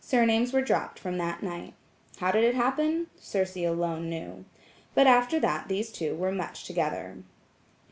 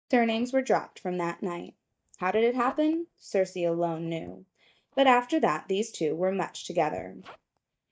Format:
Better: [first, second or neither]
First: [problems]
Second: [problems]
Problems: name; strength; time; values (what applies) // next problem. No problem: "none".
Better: first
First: none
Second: noise reduction (neural mask model DeepFilterNet 3)